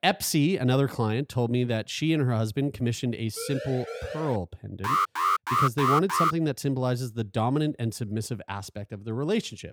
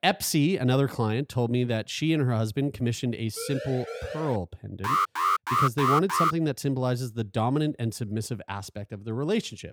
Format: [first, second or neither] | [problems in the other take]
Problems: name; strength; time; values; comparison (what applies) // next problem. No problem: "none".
neither | siren; noticeable; from 3.5 to 4.5 s; peak 9 dB below the speech; the same in both // alarm; loud; from 5 to 6.5 s; peak 4 dB above the speech; the same in both